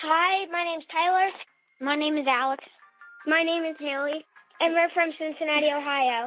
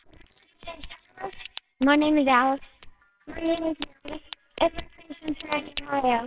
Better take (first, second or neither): first